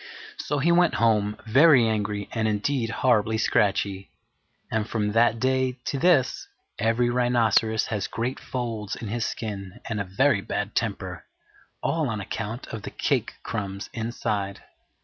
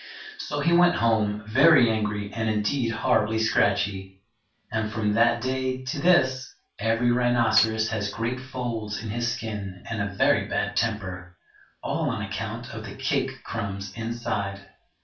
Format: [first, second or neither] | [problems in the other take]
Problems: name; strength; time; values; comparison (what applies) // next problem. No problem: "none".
first | room echo; dies away in 0.3 s